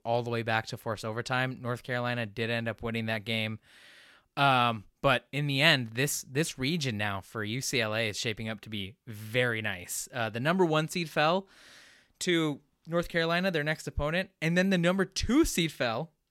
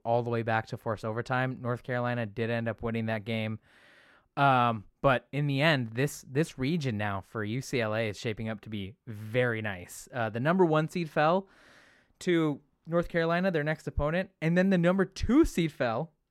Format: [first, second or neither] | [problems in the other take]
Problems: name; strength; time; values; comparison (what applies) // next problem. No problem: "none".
first | muffled; slightly; fading above 2 kHz